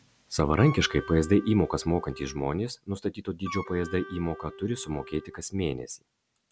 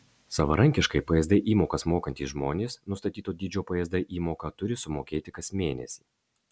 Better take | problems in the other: second | background sound (Wind instrument, woodwind instrument); 15 dB below the speech

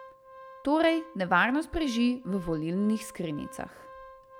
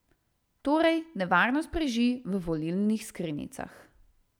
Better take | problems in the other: second | background sound (Organ); 19 dB below the speech

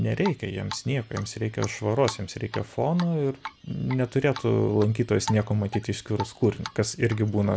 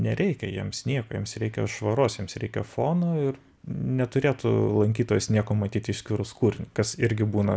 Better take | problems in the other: second | background sound (Drip); 15 dB below the speech

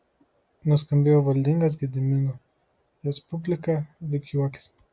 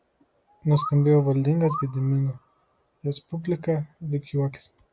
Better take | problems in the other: first | background sound (Bird); 13 dB below the speech

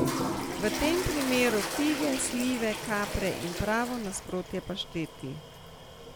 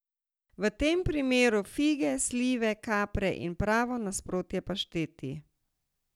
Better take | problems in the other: second | background sound (Toilet flush); 4 dB below the speech

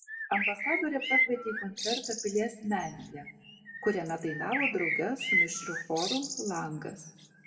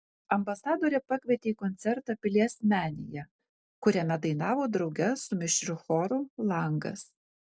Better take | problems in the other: second | background sound (Bird); as loud as the speech // room echo; dies away in 1.1 s

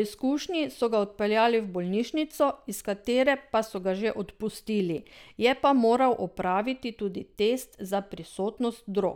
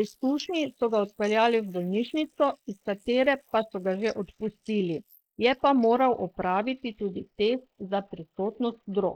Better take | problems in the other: first | noise reduction (neural mask model Resemble Enhance denoiser)

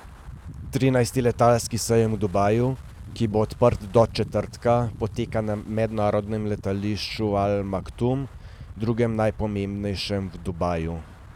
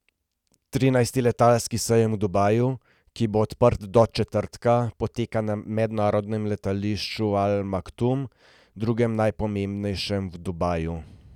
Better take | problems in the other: second | background sound (Wind); 16 dB below the speech

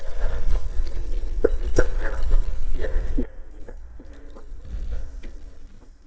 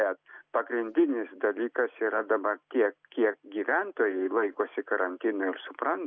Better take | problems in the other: second | noise reduction (neural mask model DeepFilterNet 3)

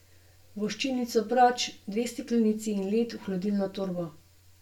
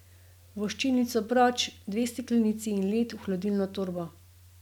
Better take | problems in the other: second | room echo; dies away in 0.2 s

